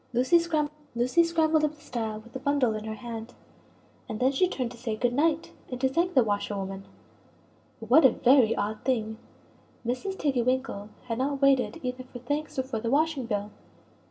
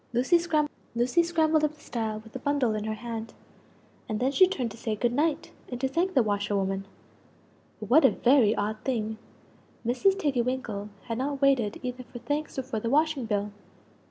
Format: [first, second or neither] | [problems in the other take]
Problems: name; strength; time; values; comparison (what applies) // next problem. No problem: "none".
second | room echo; dies away in 0.2 s